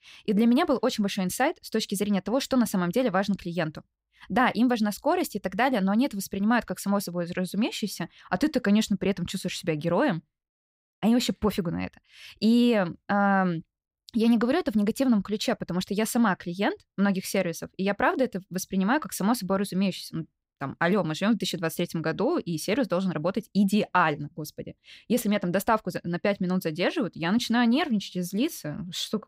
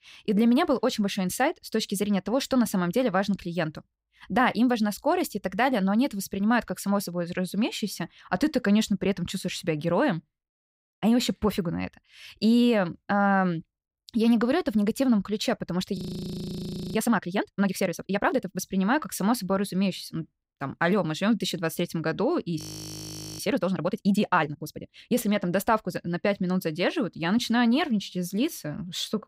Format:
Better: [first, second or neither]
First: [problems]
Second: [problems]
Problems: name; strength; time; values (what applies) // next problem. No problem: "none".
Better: first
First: none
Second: audio freezing; at 16 s for 1 s and at 23 s for 1 s